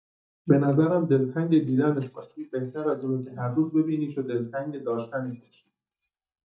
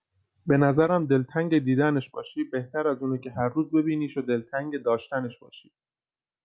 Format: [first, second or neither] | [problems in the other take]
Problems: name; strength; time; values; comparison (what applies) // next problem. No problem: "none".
second | noise reduction (neural mask model DeepFilterNet 3)